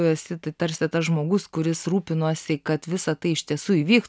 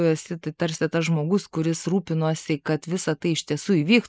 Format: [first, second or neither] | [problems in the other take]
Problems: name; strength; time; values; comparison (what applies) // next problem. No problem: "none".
first | noise reduction (neural mask model Resemble Enhance denoiser)